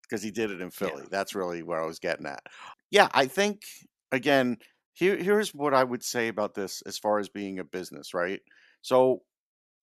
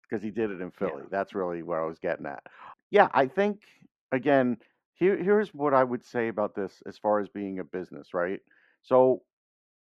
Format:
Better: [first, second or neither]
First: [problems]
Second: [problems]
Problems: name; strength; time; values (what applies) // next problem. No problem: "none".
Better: first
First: none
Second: muffled; very; fading above 3.5 kHz